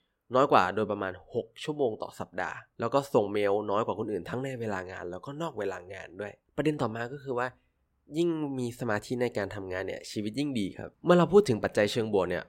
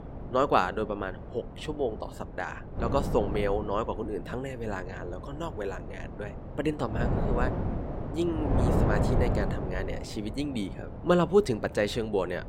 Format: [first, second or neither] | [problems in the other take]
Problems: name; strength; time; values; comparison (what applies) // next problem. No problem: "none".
first | wind noise on the microphone; heavy; 8 dB below the speech